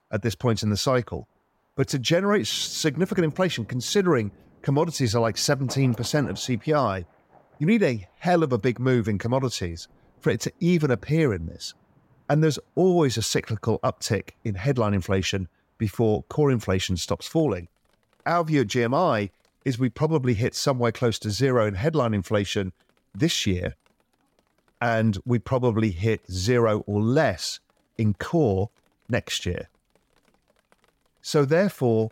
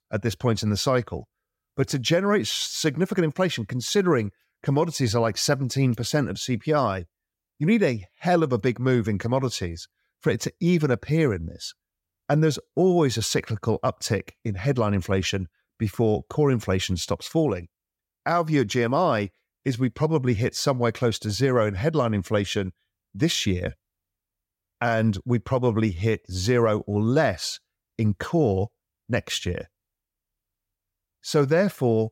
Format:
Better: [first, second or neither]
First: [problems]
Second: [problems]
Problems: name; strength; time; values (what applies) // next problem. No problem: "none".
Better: second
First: rain or running water; faint; throughout; 30 dB below the speech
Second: none